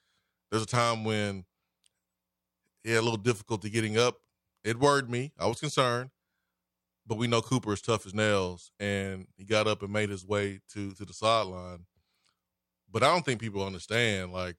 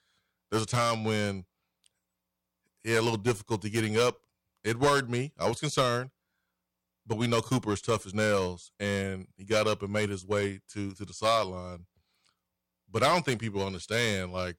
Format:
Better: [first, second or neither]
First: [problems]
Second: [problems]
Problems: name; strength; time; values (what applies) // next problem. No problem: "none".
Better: first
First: none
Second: distortion; slight; 2% of the sound clipped